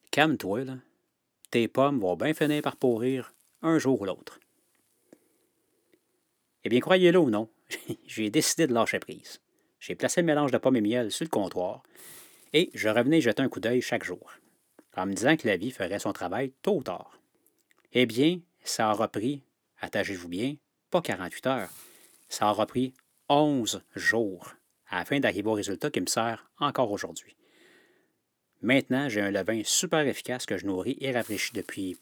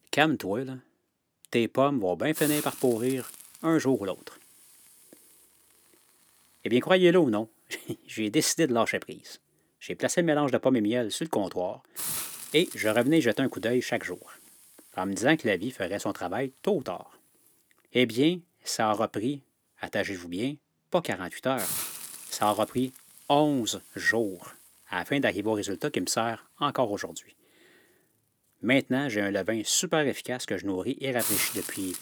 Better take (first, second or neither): first